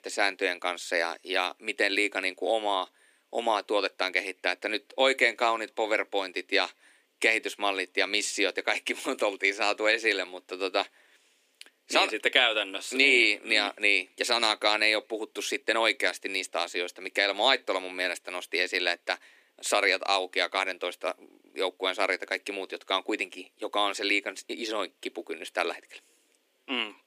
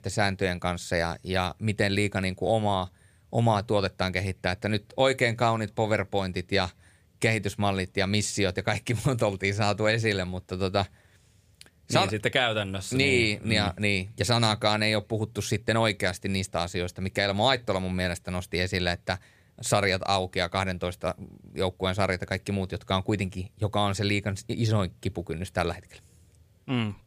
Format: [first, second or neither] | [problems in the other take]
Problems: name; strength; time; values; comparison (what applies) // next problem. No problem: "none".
second | thin; somewhat; fading below 250 Hz